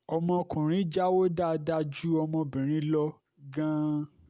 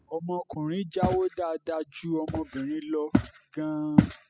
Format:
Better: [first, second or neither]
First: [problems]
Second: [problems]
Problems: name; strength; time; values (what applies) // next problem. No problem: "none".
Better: first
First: none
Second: noise reduction (classical method spectral subtraction)